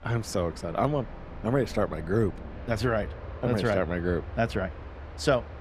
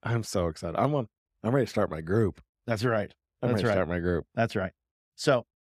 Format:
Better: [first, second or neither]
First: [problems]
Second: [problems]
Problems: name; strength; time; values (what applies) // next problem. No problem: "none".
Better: second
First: train or aircraft noise; noticeable; throughout; 15 dB below the speech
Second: none